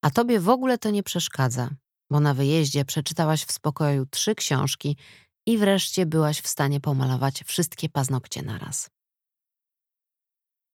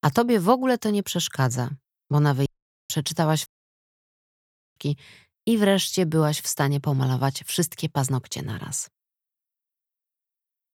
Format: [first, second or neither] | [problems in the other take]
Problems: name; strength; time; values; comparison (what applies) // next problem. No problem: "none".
first | audio cutting out; at 2.5 s and at 3.5 s for 1.5 s